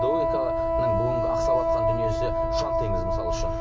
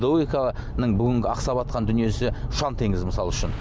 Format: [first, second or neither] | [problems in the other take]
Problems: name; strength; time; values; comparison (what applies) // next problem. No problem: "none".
second | background sound (Wind instrument, woodwind instrument); 4 dB above the speech // room echo; dies away in 2.8 s